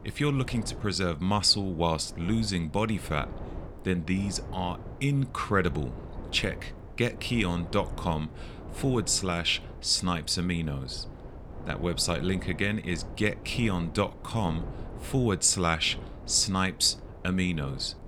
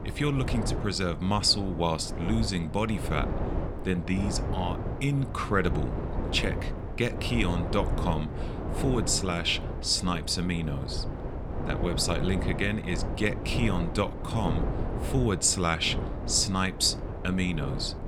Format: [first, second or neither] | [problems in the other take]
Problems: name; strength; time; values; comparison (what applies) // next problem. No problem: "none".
first | wind noise on the microphone; heavy; 9 dB below the speech; occasional gusts in the first